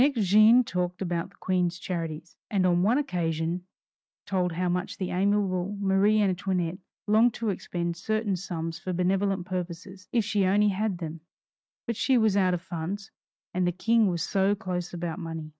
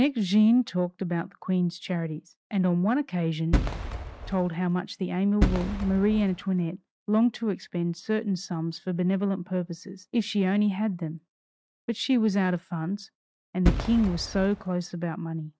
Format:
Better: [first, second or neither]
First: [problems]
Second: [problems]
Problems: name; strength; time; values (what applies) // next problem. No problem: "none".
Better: first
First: none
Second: background sound (Fireworks); 3 dB below the speech